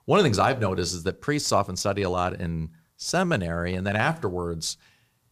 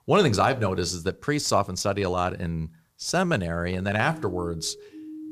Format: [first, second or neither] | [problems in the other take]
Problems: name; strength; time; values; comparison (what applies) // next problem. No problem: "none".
first | siren; faint; from 3.5 s on; peak 15 dB below the speech